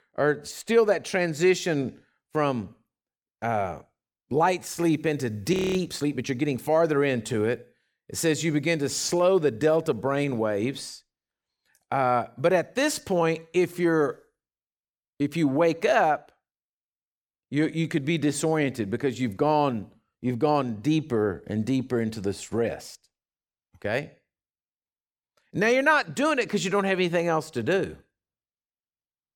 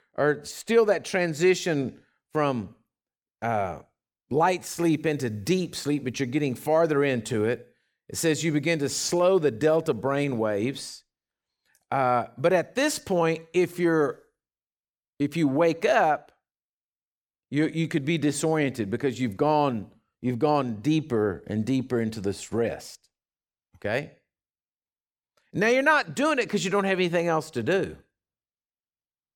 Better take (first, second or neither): second